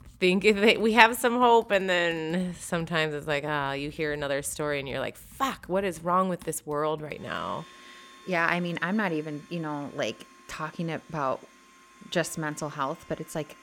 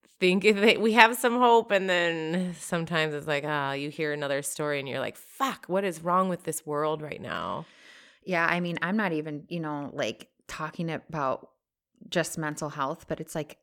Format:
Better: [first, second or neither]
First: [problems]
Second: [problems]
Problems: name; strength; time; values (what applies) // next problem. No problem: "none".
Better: second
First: household noises; faint; throughout; 25 dB below the speech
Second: none